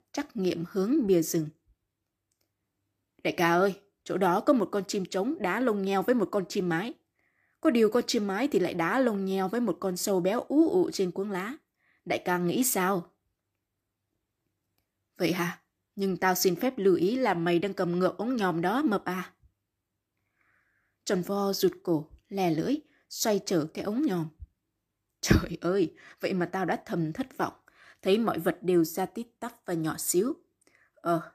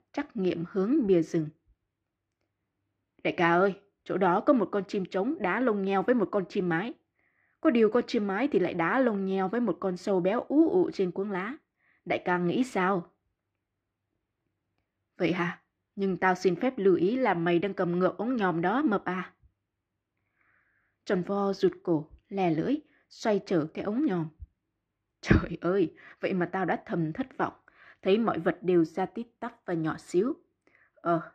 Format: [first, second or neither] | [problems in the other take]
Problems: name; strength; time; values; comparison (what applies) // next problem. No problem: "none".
first | muffled; slightly; fading above 2.5 kHz